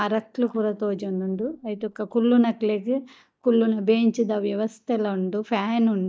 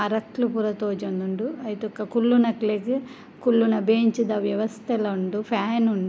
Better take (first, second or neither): second